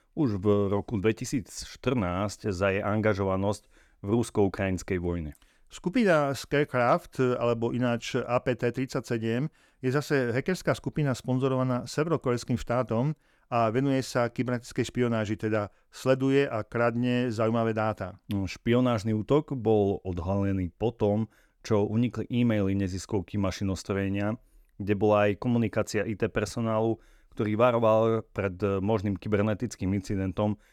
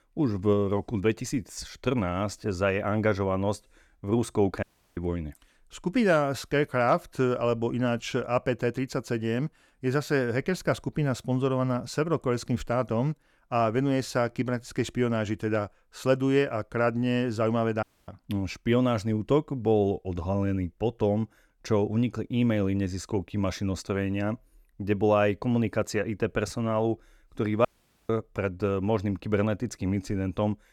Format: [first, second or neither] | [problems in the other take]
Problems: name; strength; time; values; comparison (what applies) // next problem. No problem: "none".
first | audio cutting out; at 4.5 s, at 18 s and at 28 s